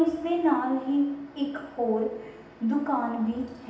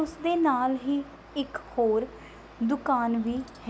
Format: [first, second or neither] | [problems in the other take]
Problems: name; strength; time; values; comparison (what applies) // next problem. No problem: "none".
second | room echo; dies away in 0.8 s